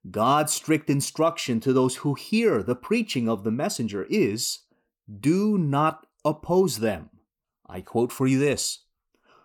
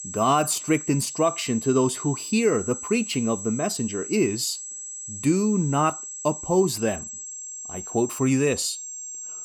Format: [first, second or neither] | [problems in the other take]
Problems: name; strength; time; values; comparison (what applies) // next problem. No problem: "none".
first | high-pitched whine; loud; throughout; 7.5 kHz, 9 dB below the speech